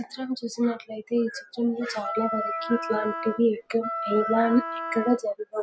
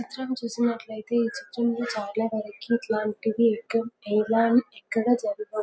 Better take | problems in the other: second | background sound (Wind instrument, woodwind instrument); 6 dB below the speech

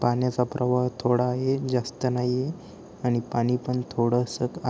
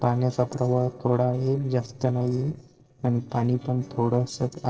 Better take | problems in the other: first | noise reduction (neural separator model SepFormer DNS4)

